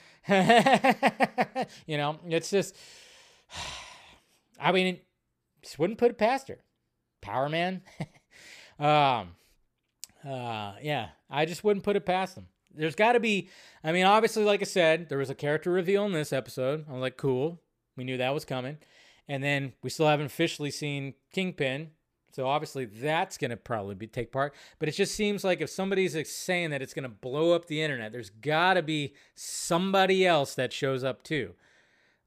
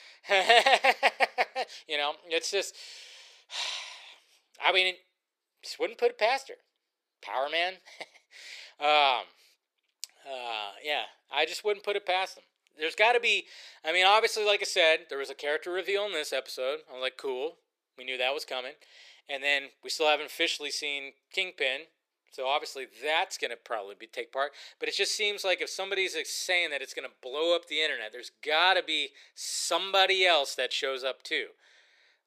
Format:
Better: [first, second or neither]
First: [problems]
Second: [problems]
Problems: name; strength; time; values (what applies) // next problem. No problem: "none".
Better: first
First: none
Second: thin; very; fading below 400 Hz